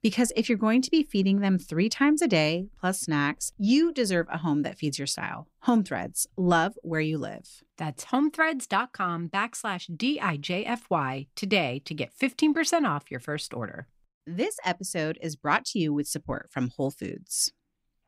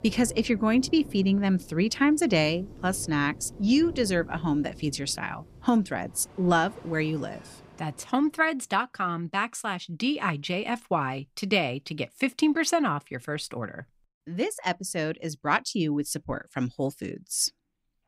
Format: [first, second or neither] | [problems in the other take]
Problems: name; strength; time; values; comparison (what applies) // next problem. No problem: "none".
first | rain or running water; noticeable; until 7.5 s; 20 dB below the speech